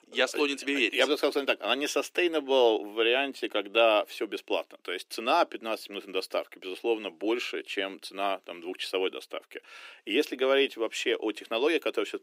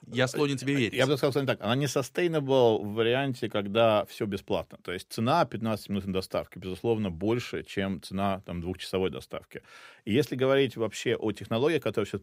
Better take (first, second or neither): second